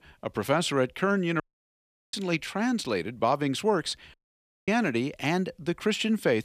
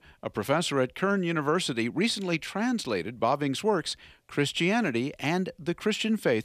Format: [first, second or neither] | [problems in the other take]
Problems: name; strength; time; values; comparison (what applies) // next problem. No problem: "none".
second | audio cutting out; at 1.5 s for 0.5 s and at 4 s for 0.5 s